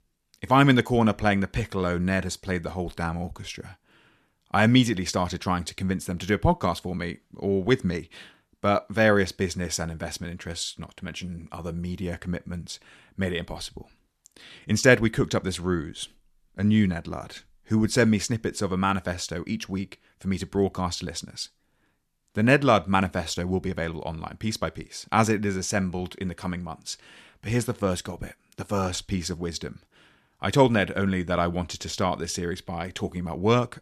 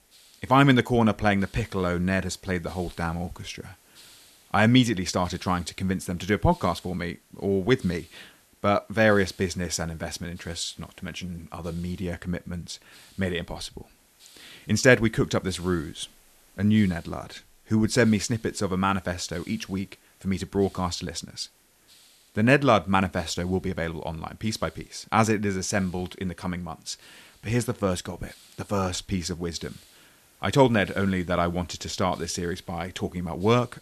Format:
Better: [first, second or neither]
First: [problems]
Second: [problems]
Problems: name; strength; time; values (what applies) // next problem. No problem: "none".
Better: first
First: none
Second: hiss; faint; throughout; 30 dB below the speech